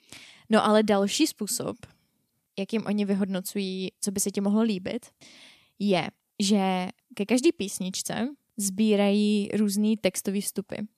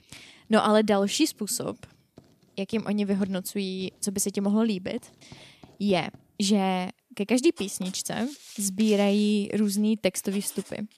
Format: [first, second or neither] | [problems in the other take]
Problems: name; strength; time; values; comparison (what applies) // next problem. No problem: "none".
first | household noises; faint; throughout; 20 dB below the speech